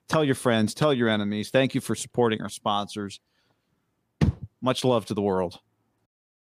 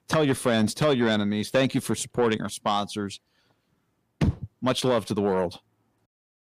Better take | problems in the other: first | distortion; slight; 10 dB below the speech

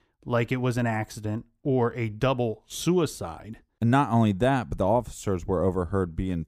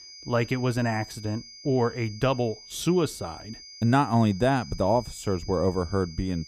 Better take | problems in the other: first | high-pitched whine; noticeable; throughout; 5 kHz, 15 dB below the speech

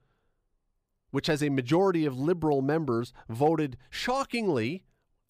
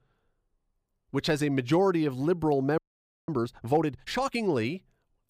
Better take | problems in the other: first | audio freezing; at 3 s for 0.5 s

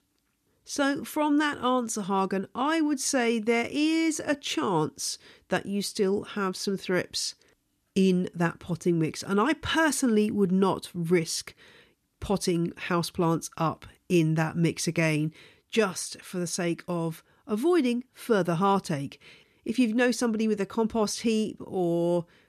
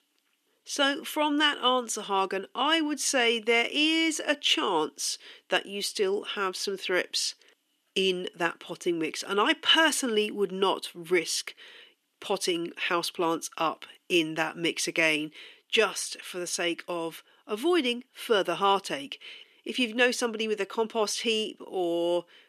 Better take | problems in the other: first | thin; somewhat; fading below 300 Hz

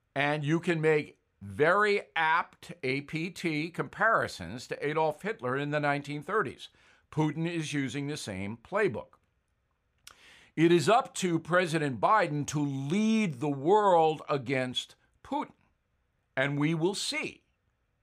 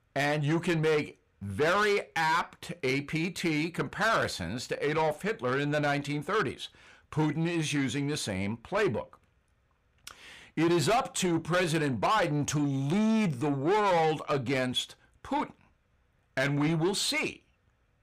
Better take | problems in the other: first | distortion; heavy; 8 dB below the speech

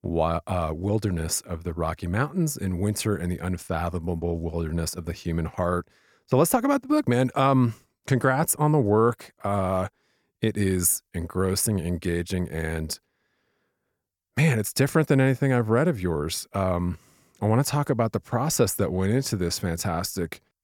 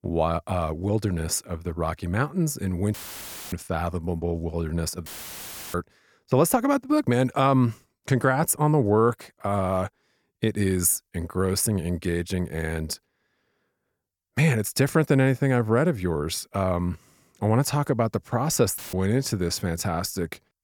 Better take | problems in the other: first | audio cutting out; filled with static; at 3 s for 0.5 s, at 5 s for 0.5 s and at 19 s

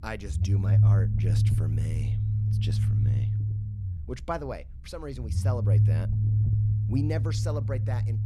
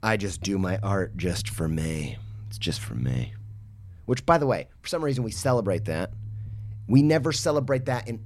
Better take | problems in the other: second | low rumble; loud; throughout; 1 dB below the speech; faint in the second

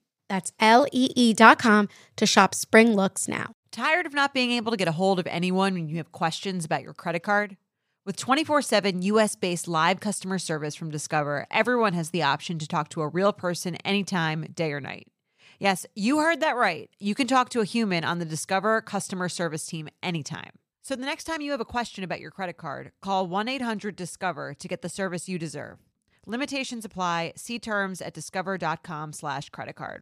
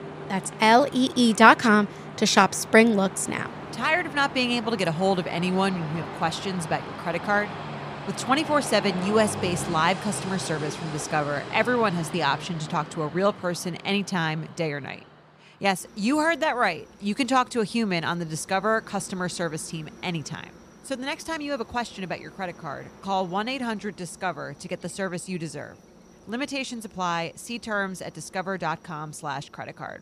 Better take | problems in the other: first | train or aircraft noise; noticeable; throughout; 10 dB below the speech

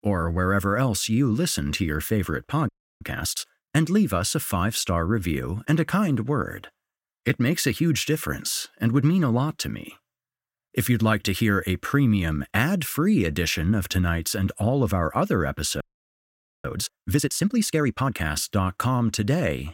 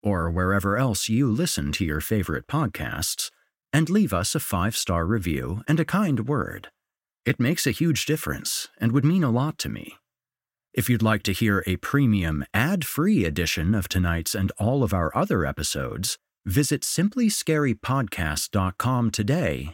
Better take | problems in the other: second | audio freezing; at 2.5 s and at 16 s for 1 s

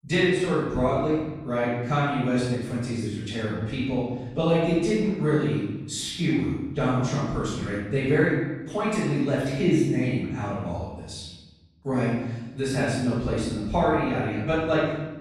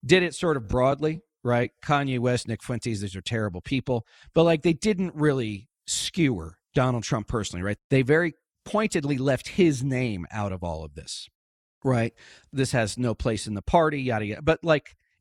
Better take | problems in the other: second | off-mic speech; far // room echo; strong; dies away in 1.1 s

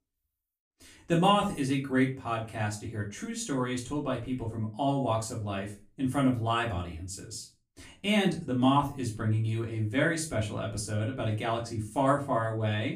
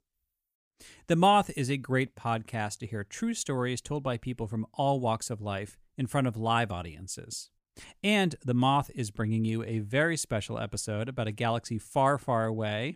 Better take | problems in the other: second | off-mic speech; far // room echo; slight; dies away in 0.3 s

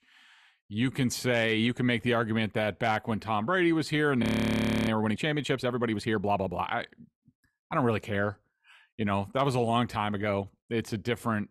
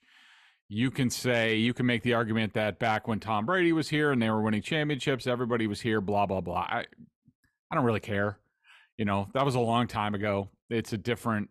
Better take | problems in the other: second | audio freezing; at 4 s for 0.5 s

